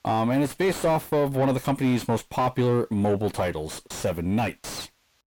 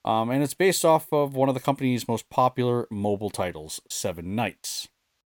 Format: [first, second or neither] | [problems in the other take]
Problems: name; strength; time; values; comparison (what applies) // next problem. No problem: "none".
second | distortion; heavy; 6 dB below the speech